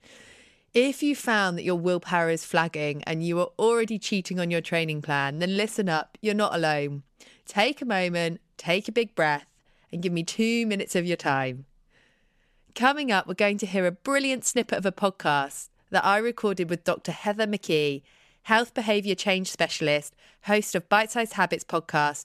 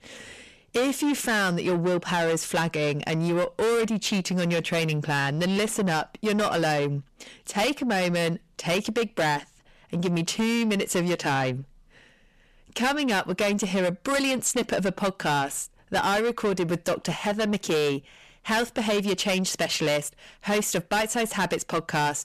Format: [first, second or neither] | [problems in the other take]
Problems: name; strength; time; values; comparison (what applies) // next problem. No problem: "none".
first | distortion; heavy; 6 dB below the speech